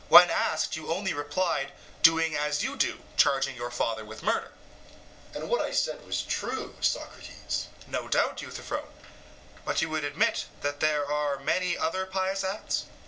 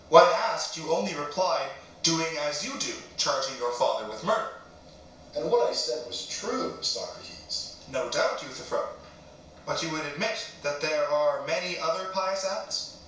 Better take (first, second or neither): first